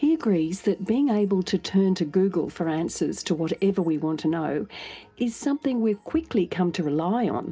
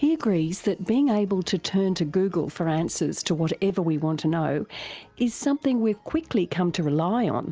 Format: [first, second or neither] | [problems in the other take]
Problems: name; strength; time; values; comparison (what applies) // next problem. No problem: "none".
second | room echo; dies away in 0.3 s